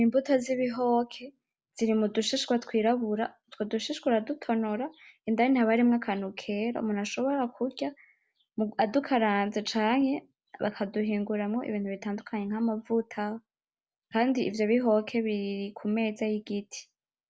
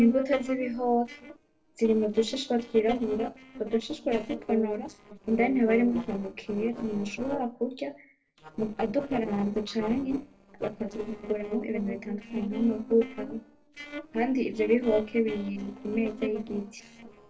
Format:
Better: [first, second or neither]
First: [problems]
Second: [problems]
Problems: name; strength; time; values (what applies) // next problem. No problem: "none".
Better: first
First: none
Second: noise reduction (neural separator model SepFormer DNS4)